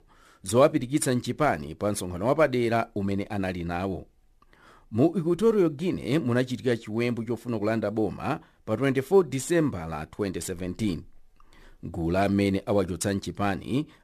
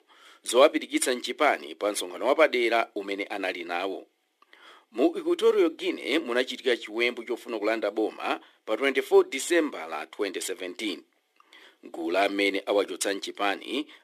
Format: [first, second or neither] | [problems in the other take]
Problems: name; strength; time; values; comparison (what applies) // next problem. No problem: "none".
first | thin; somewhat; fading below 300 Hz